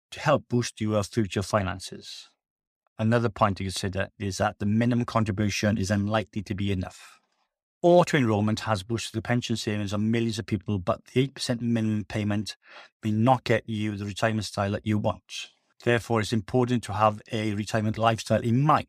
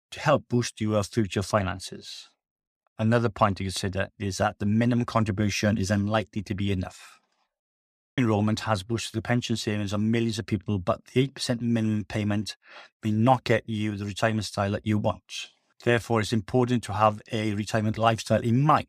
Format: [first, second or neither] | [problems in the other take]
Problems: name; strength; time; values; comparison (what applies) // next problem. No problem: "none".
first | audio cutting out; at 7.5 s for 0.5 s